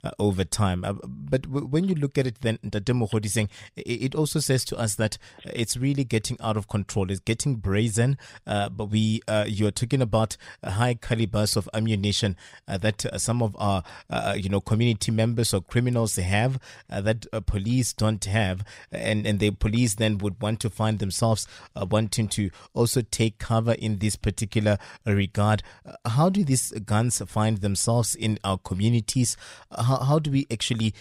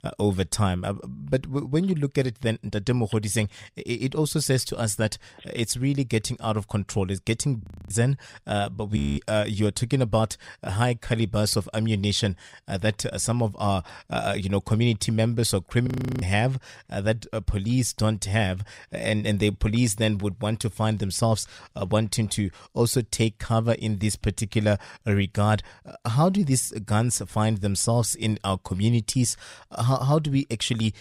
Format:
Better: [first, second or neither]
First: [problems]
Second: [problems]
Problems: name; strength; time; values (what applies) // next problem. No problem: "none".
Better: first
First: none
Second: audio freezing; at 7.5 s, at 9 s and at 16 s